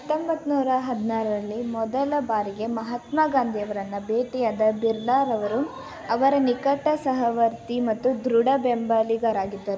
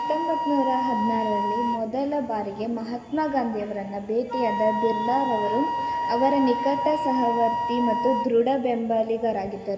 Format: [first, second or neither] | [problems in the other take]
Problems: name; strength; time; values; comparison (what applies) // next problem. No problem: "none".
first | background sound (Wind instrument, woodwind instrument); 4 dB below the speech // room echo; dies away in 2.1 s